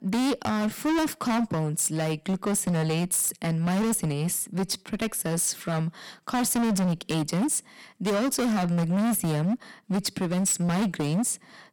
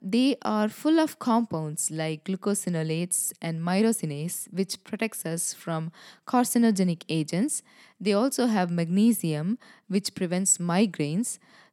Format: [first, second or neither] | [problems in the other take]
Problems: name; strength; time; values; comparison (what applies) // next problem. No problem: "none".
second | distortion; heavy; 25% of the sound clipped